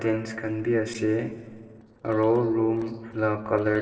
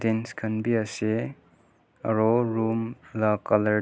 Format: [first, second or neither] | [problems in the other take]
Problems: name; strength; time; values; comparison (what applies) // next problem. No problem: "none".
second | noise reduction (neural separator model SepFormer DNS4)